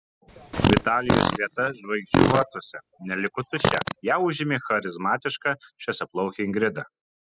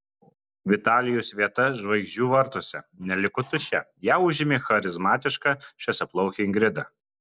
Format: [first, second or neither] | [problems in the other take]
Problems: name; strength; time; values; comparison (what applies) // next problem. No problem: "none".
second | noise reduction (classical method spectral subtraction)